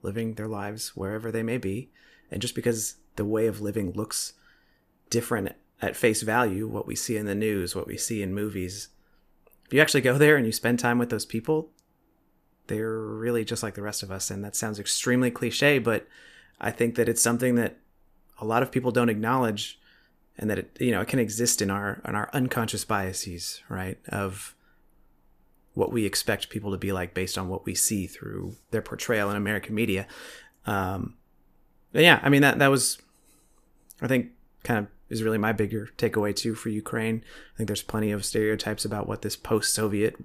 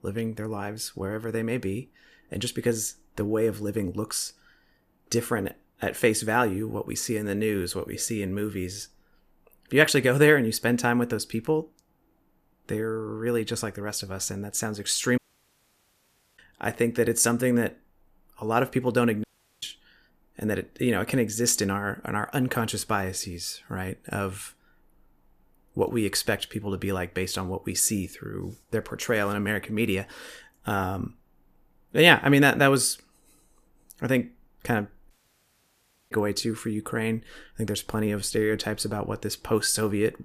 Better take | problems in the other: first | audio cutting out; at 15 s for 1 s, at 19 s and at 35 s for 1 s

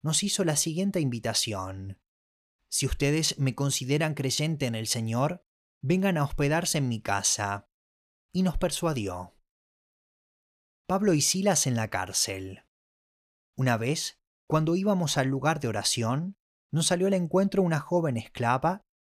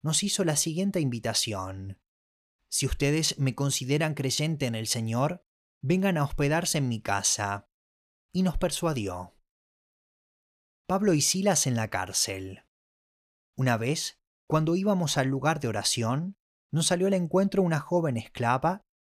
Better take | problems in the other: neither | none

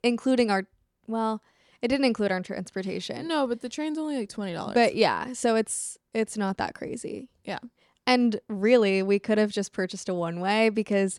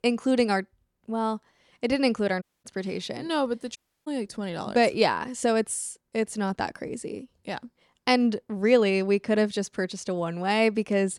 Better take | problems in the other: first | audio cutting out; at 2.5 s and at 4 s

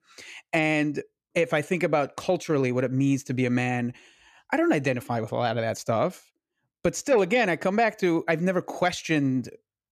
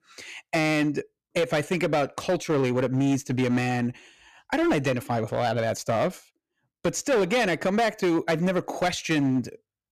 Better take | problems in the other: first | distortion; slight; 11% of the sound clipped

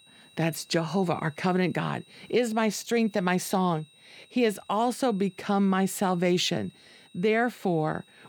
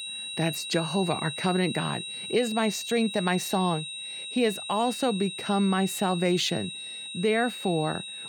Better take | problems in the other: first | high-pitched whine; loud; throughout; 4 kHz, 7 dB below the speech; faint in the first

